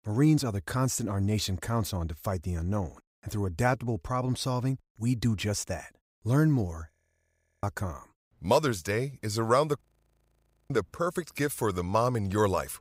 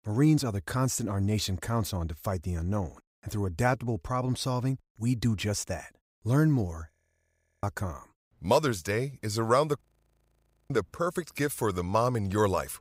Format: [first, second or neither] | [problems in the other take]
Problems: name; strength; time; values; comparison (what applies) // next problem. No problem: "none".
neither | audio freezing; at 7 s for 0.5 s and at 10 s for 1 s; the same in both